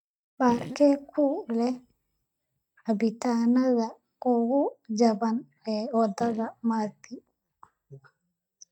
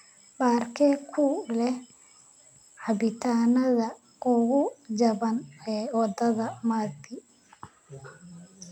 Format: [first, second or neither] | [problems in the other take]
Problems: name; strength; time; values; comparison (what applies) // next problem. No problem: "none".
second | noise reduction (neural mask model DeepFilterNet 3)